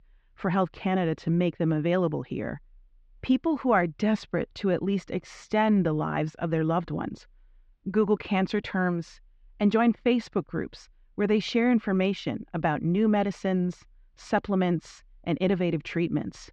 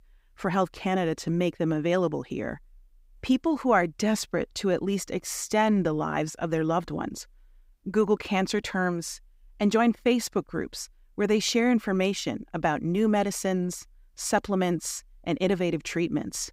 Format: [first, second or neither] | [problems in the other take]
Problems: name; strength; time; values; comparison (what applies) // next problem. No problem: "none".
second | muffled; slightly; fading above 3.5 kHz